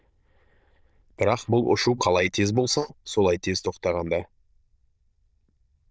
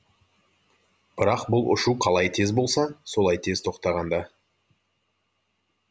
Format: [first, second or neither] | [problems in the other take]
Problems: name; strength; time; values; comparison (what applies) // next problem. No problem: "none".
second | noise reduction (neural diffusion model UNIVERSE++)